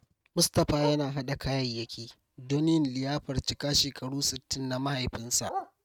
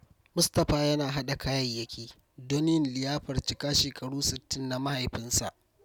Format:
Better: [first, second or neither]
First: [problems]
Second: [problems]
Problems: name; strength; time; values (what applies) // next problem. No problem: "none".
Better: second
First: noise reduction (neural mask model RNNoise)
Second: none